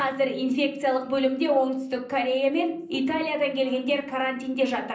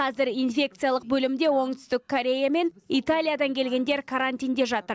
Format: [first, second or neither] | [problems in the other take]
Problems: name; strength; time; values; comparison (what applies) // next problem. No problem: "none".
second | room echo; dies away in 0.6 s